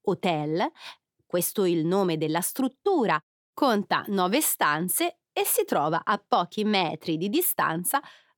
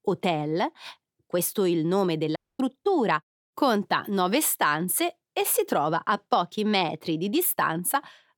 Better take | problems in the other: first | audio cutting out; at 2.5 s

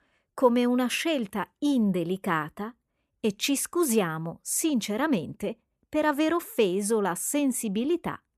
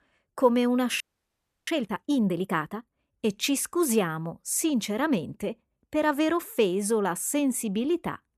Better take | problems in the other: first | audio freezing; at 1 s for 0.5 s

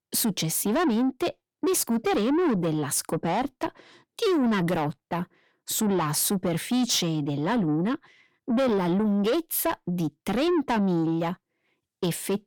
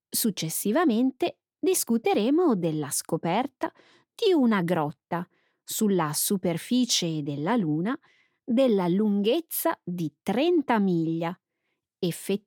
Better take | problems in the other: second | distortion; slight; 10 dB below the speech

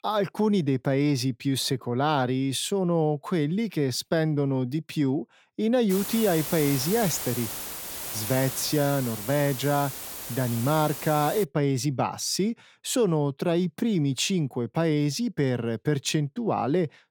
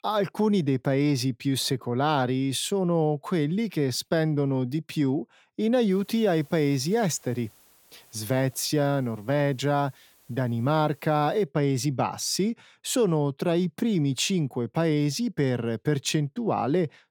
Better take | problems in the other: second | hiss; loud; from 6 to 11 s; 6 dB below the speech; faint in the second

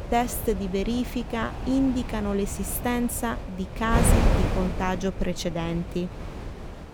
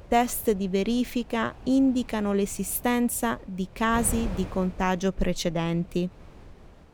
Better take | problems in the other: second | wind noise on the microphone; heavy; 6 dB below the speech; occasional gusts in the second

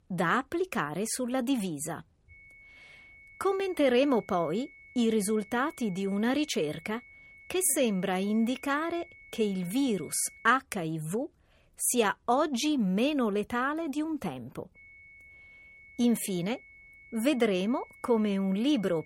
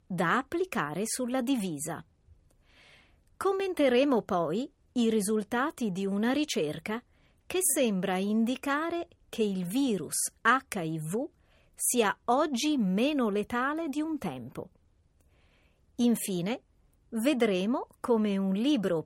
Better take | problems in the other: second | high-pitched whine; faint; from 2.5 to 11 s and from 15 s on; 2 kHz, 20 dB below the speech

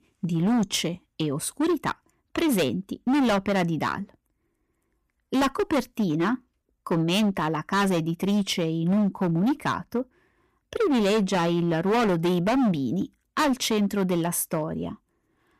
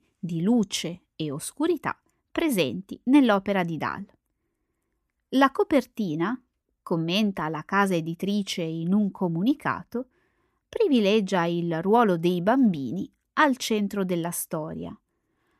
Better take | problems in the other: second | distortion; heavy; 15% of the sound clipped

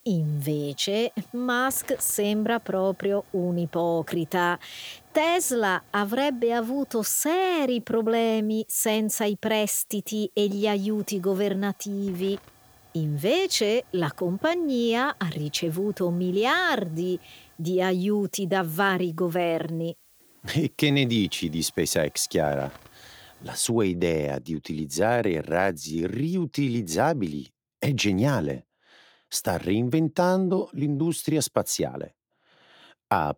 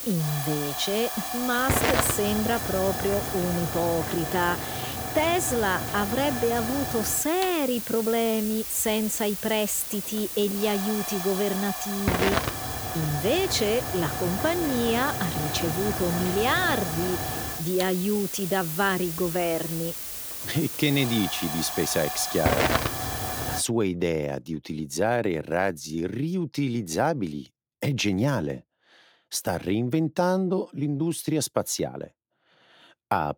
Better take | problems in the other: first | hiss; loud; until 24 s; 3 dB below the speech; faint in the first

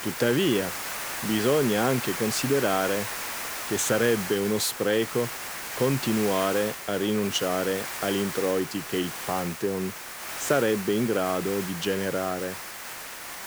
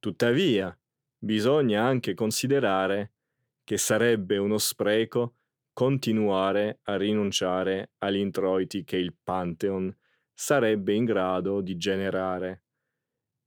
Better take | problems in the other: second | hiss; loud; throughout; 6 dB below the speech

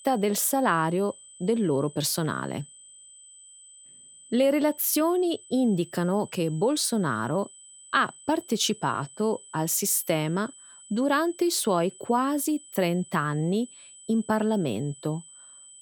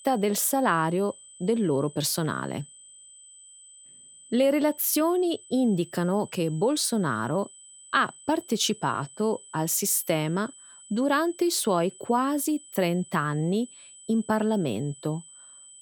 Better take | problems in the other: neither | high-pitched whine; faint; throughout; 8 kHz, 20 dB below the speech; the same in both

